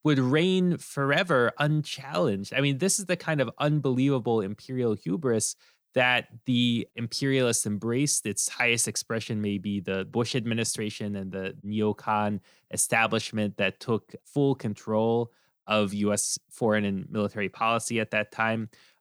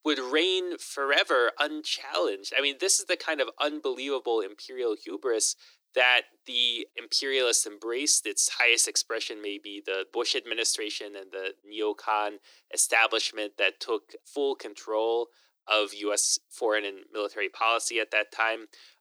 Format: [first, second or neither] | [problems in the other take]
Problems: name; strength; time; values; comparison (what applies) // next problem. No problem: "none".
first | thin; very; fading below 300 Hz